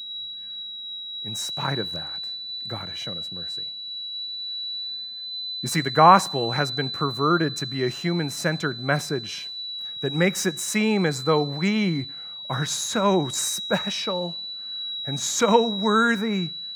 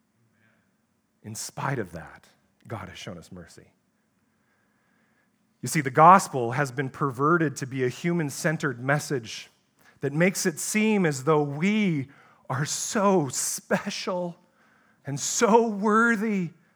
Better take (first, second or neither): second